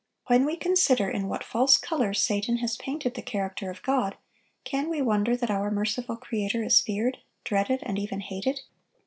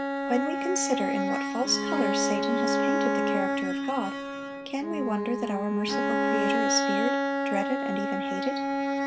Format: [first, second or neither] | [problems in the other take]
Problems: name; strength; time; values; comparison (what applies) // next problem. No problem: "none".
first | background sound (Bowed string instrument + Bowed string instrument); 3 dB above the speech